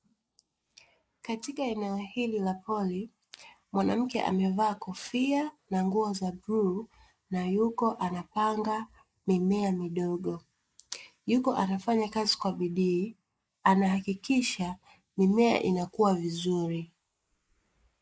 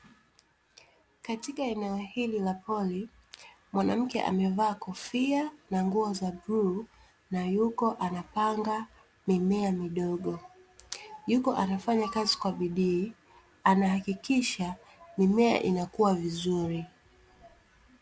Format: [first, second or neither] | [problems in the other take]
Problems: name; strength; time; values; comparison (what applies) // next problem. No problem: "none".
second | noise reduction (neural mask model Resemble Enhance denoiser)